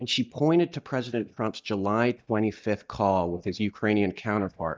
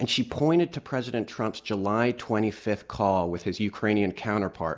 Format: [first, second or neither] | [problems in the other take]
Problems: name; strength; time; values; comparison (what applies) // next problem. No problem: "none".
second | noise reduction (neural mask model DeepFilterNet 3)